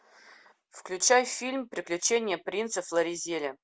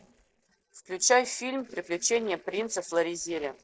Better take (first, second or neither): first